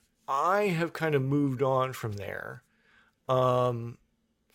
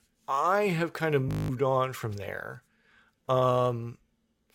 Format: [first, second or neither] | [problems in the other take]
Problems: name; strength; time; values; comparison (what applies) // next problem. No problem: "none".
first | audio freezing; at 1.5 s